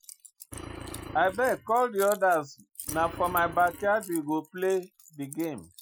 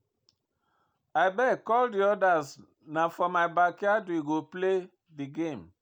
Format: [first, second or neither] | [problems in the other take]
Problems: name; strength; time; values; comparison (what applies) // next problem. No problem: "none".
second | noise reduction (classical method Wiener filter)